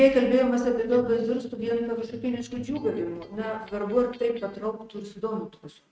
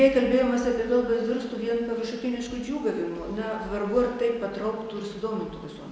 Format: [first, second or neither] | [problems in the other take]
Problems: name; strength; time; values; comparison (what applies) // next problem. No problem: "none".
second | noise reduction (neural mask model RNNoise)